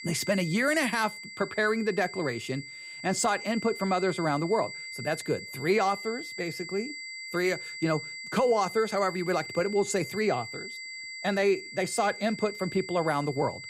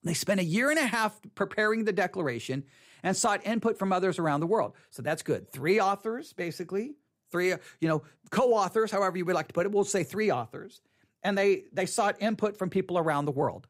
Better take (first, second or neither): second